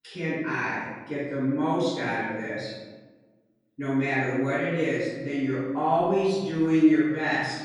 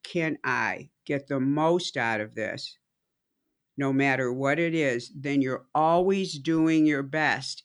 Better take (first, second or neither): second